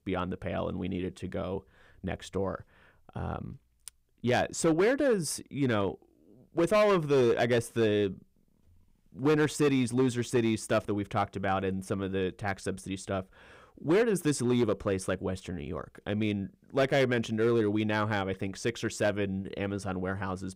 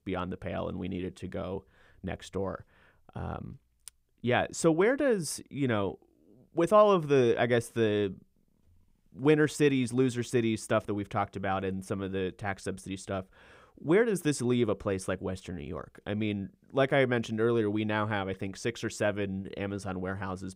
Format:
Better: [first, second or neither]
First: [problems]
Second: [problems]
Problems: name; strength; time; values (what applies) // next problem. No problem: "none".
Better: second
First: distortion; slight; 4% of the sound clipped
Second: none